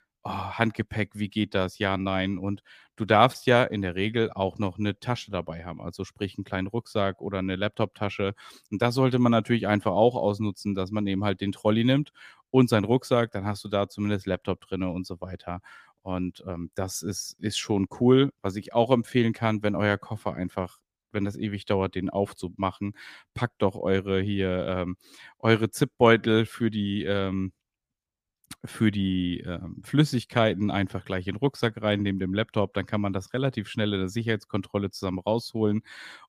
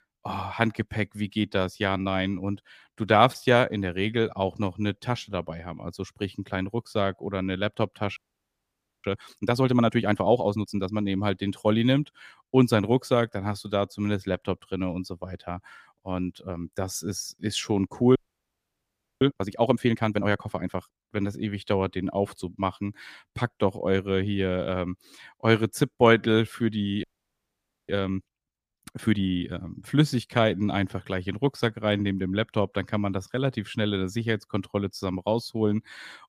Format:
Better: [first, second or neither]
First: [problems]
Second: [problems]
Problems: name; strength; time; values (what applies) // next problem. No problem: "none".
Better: first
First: none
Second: audio freezing; at 8 s for 1 s, at 18 s for 1 s and at 27 s for 1 s